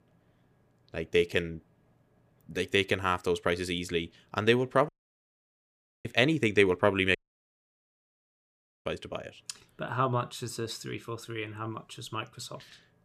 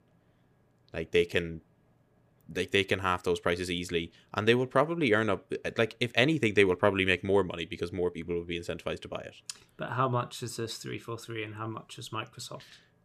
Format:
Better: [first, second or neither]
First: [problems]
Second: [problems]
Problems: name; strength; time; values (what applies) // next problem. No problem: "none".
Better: second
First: audio cutting out; at 5 s for 1 s and at 7 s for 1.5 s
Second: none